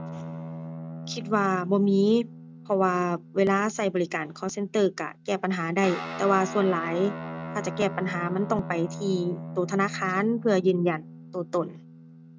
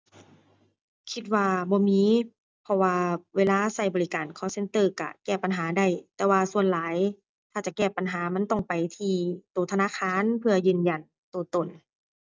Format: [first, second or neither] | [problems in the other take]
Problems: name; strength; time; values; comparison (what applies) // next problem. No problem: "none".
second | background sound (Guitar); 12 dB below the speech